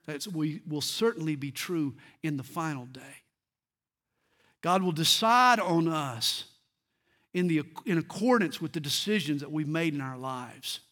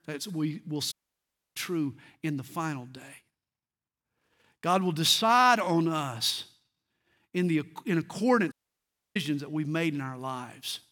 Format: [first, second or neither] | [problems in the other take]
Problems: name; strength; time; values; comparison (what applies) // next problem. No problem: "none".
first | audio cutting out; at 1 s for 0.5 s and at 8.5 s for 0.5 s